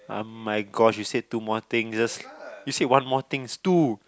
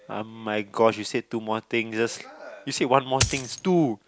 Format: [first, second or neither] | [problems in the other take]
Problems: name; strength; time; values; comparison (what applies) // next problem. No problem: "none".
first | background sound (Coin (dropping)); 2 dB below the speech